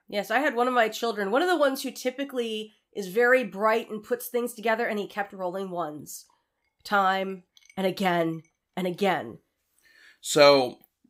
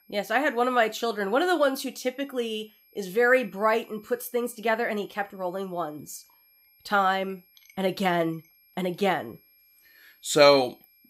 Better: first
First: none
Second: high-pitched whine; faint; throughout; 11.5 kHz, 30 dB below the speech

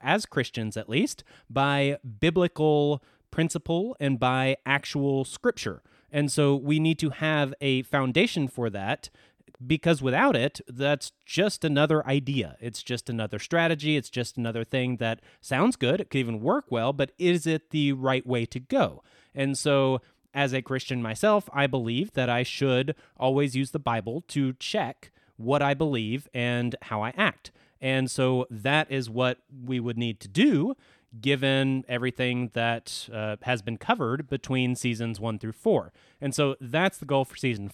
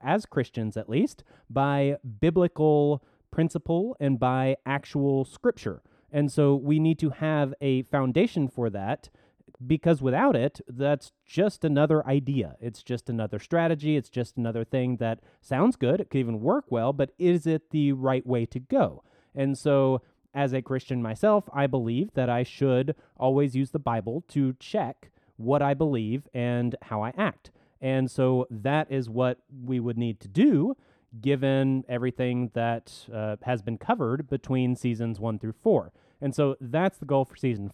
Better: first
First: none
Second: muffled; slightly; fading above 1.5 kHz

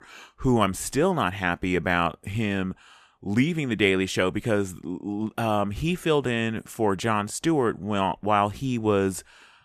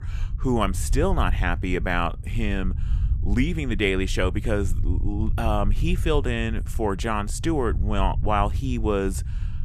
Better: first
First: none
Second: low rumble; noticeable; throughout; 20 dB below the speech

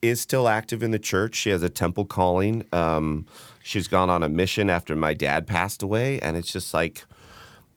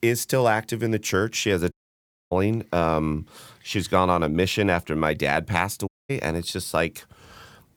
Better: first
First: none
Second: audio cutting out; at 1.5 s for 0.5 s and at 6 s

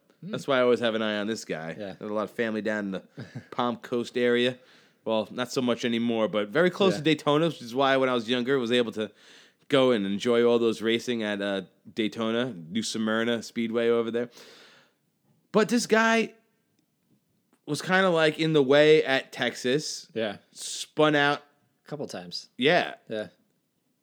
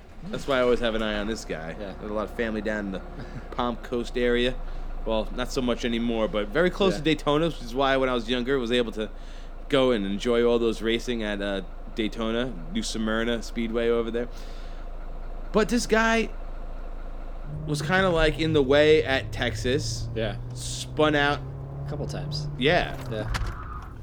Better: first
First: none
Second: traffic noise; noticeable; throughout; 15 dB below the speech

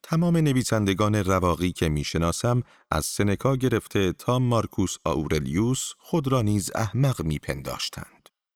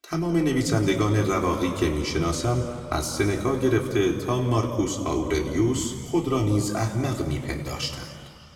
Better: first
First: none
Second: room echo; noticeable; dies away in 2.2 s // off-mic speech; somewhat distant

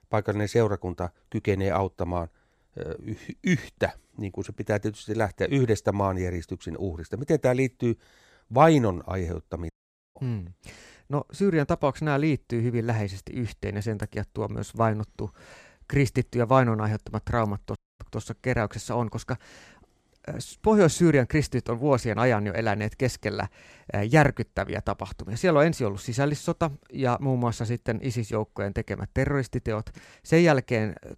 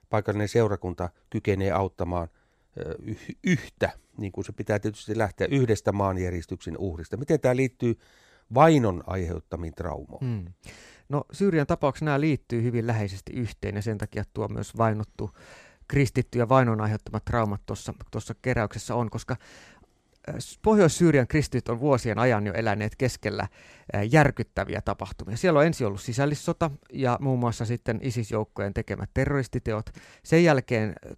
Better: second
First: audio cutting out; at 9.5 s and at 18 s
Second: none

